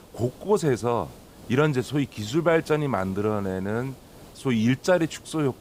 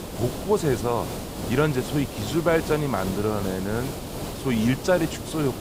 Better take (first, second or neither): first